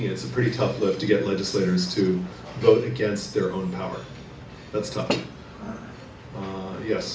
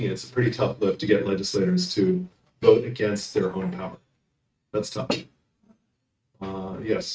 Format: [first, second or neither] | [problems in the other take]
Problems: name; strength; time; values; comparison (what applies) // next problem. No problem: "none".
first | noise reduction (neural mask model RNNoise)